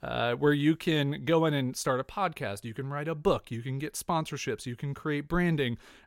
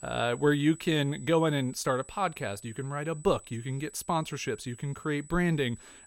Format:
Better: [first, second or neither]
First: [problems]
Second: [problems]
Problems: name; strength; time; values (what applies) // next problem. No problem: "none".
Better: first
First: none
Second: high-pitched whine; noticeable; throughout; 8 kHz, 20 dB below the speech